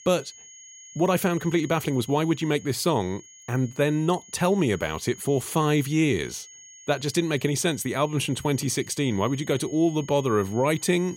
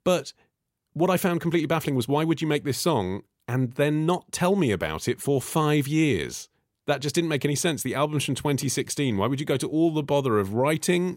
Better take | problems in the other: second | high-pitched whine; noticeable; throughout; 6.5 kHz, 20 dB below the speech

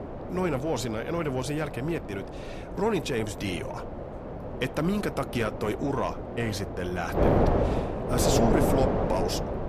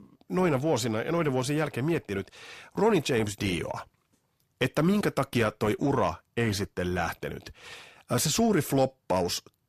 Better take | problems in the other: second | wind noise on the microphone; heavy; 1 dB below the speech

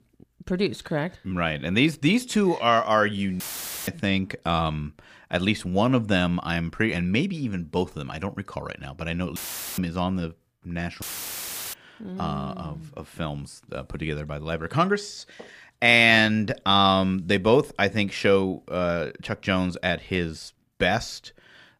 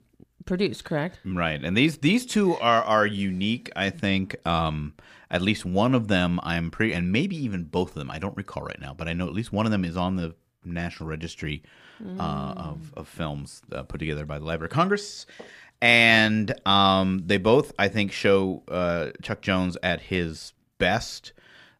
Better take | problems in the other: second | audio cutting out; filled with static; at 3.5 s, at 9.5 s and at 11 s for 0.5 s

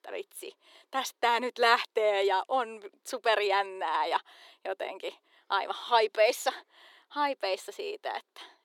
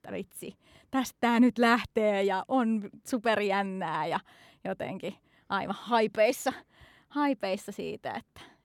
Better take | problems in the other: second | thin; very; fading below 350 Hz

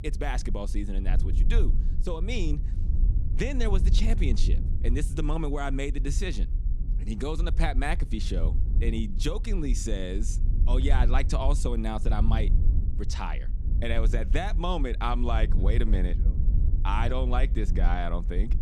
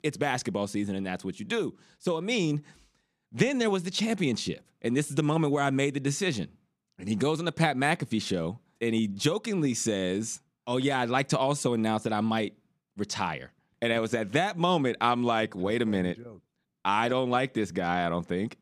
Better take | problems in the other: second | low rumble; noticeable; throughout; 15 dB below the speech

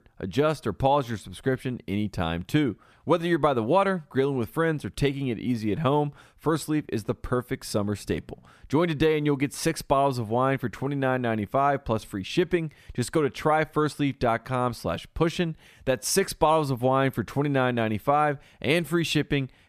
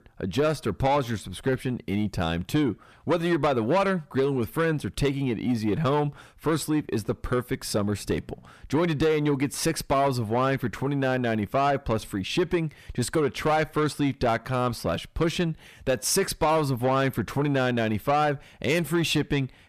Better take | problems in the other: first | distortion; slight; 10 dB below the speech

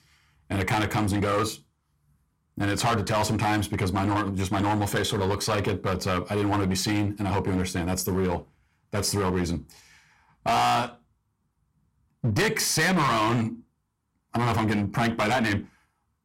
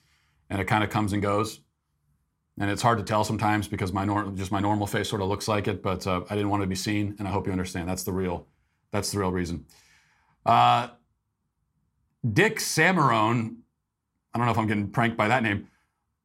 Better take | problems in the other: second | distortion; heavy; 12% of the sound clipped

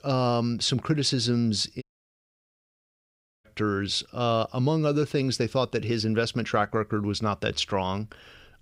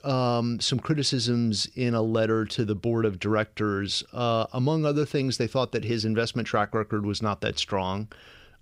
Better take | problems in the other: second | audio cutting out; at 2 s for 1.5 s

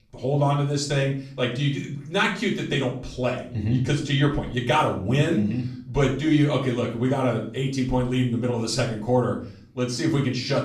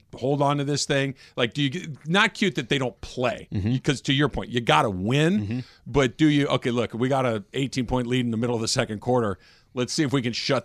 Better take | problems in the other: second | off-mic speech; far // room echo; slight; dies away in 0.4 s

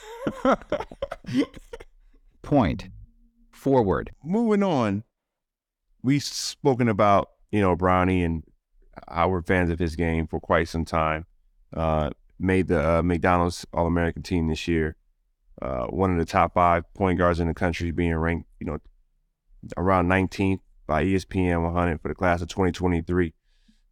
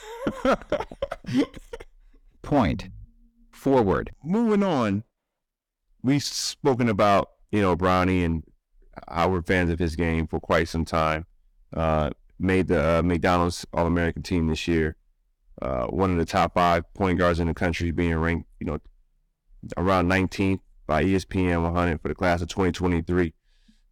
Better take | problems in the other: first | distortion; slight; 4% of the sound clipped

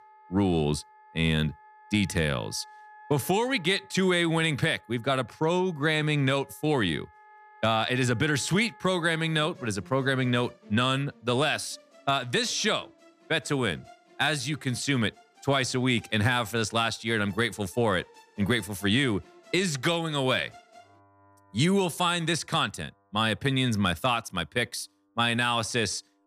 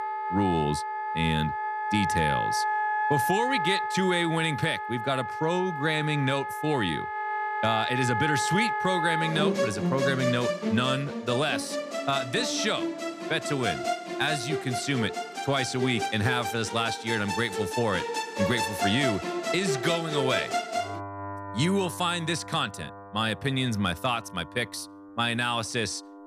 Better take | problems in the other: first | background music; loud; throughout; 2 dB below the speech; faint in the first

